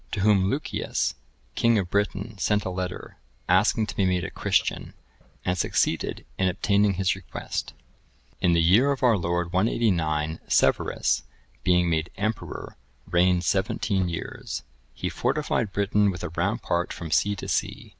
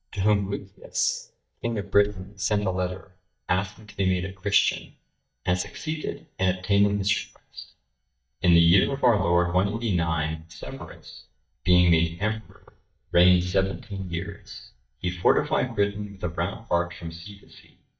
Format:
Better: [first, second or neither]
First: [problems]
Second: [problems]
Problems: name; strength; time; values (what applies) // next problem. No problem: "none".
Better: first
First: none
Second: noise reduction (neural mask model DeepFilterNet 3)